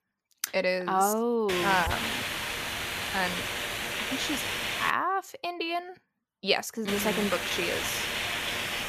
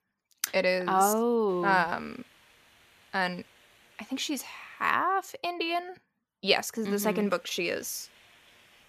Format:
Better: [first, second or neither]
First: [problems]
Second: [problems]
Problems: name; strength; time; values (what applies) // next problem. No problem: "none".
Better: second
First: hiss; loud; from 1.5 to 5 s and from 7 s on; 1 dB below the speech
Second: hiss; faint; from 1.5 to 5 s and from 7 s on; 30 dB below the speech